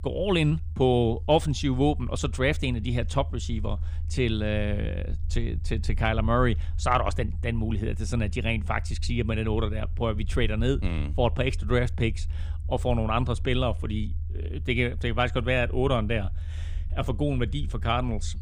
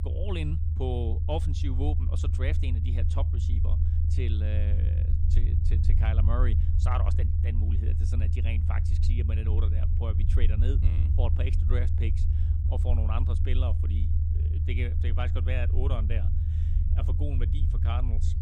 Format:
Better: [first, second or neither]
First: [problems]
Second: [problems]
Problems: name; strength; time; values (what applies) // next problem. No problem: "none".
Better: first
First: low rumble; faint; throughout; 25 dB below the speech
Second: low rumble; loud; throughout; 4 dB below the speech